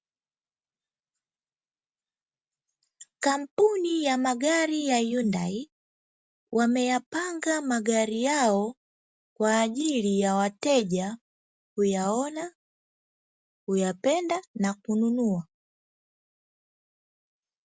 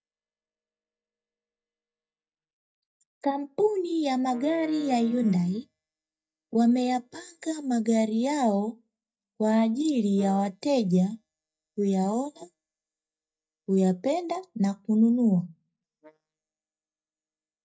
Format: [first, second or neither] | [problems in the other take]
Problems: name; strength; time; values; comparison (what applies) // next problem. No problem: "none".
first | noise reduction (neural mask model DeepFilterNet 3)